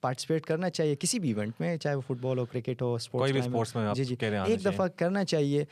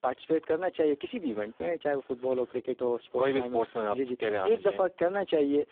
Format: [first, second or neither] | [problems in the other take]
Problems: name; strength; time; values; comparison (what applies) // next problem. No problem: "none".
first | phone-call audio; poor line